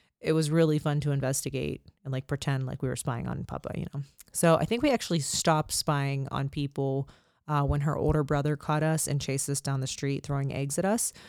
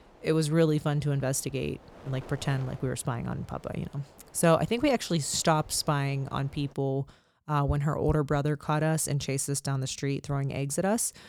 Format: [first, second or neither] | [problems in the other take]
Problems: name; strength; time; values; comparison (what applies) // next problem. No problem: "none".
first | wind noise on the microphone; occasional gusts; until 6.5 s; 20 dB below the speech